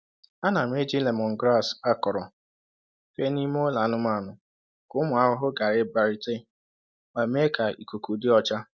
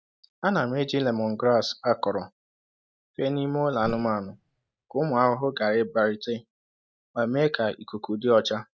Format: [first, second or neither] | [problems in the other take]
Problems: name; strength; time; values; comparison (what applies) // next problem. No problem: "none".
first | noise reduction (neural mask model RNNoise)